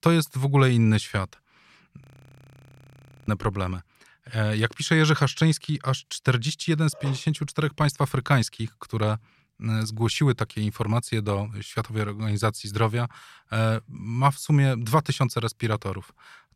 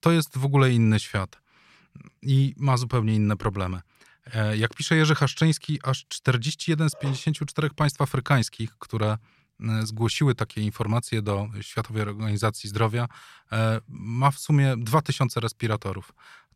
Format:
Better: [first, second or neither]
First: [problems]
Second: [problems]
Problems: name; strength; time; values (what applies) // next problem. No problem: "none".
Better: second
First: audio freezing; at 2 s for 1.5 s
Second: none